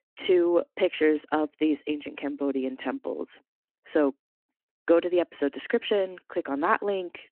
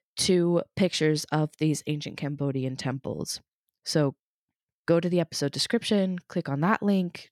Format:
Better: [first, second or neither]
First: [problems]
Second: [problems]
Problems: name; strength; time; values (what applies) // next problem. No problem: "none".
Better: second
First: phone-call audio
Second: none